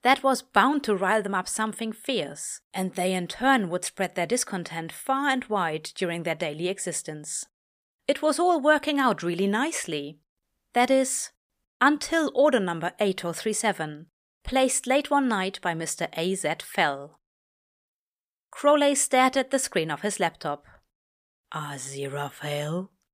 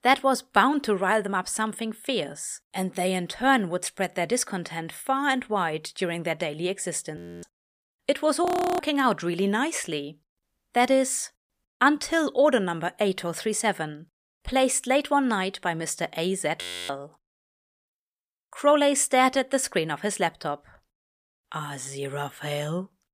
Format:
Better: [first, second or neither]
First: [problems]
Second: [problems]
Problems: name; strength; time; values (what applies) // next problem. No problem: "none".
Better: first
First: none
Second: audio freezing; at 7 s, at 8.5 s and at 17 s